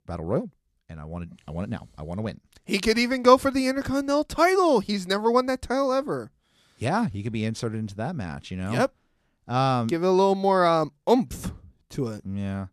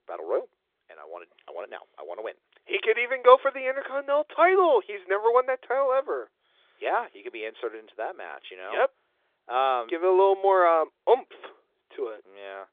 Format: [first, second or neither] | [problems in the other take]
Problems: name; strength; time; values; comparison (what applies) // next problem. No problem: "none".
first | phone-call audio